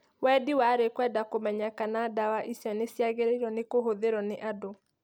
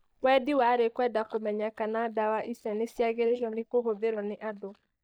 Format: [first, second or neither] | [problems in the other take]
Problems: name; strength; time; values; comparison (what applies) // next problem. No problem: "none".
first | noise reduction (neural mask model DeepFilterNet 3)